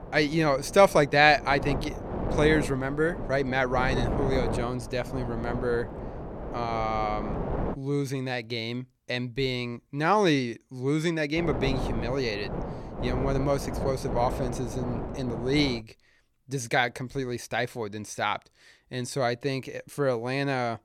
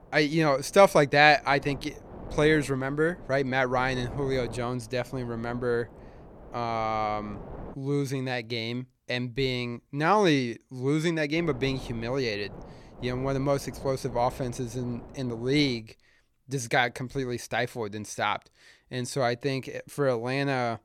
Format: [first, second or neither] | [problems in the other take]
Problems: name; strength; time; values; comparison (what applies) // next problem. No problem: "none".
second | wind noise on the microphone; heavy; until 7.5 s and from 11 to 16 s; 10 dB below the speech; occasional gusts in the second